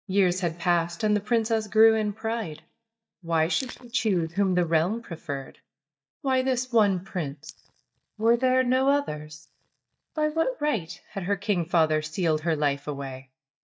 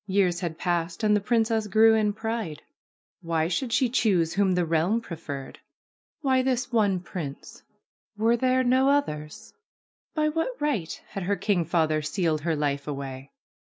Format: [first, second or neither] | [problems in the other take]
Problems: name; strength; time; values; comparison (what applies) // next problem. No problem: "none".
second | noise reduction (neural mask model DeepFilterNet 3)